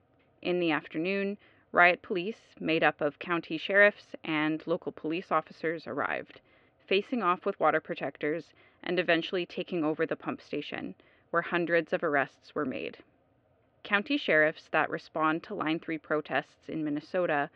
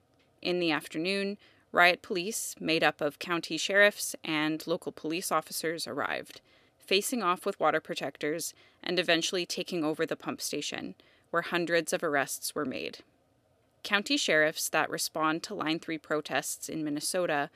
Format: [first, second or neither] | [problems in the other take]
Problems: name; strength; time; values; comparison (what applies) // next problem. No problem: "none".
second | muffled; very; fading above 3 kHz